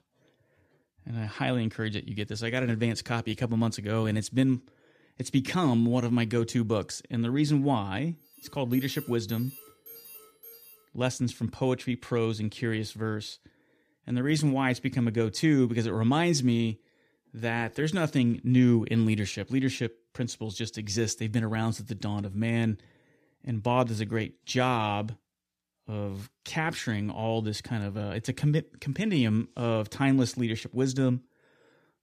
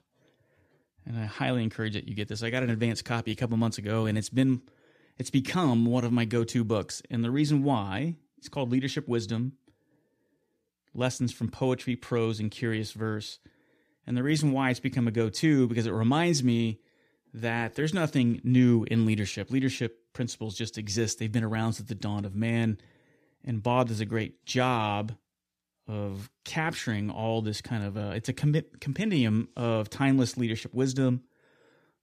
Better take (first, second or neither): second